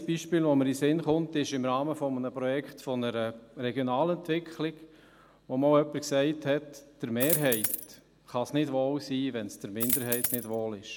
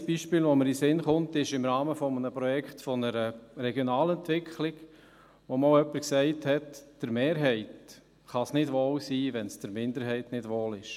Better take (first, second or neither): second